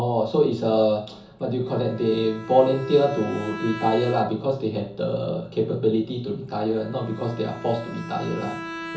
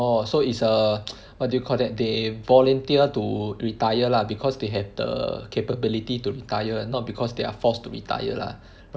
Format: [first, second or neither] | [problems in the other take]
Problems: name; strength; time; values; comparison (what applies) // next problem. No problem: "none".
second | background sound (Bowed string instrument); 15 dB below the speech // room echo; dies away in 0.7 s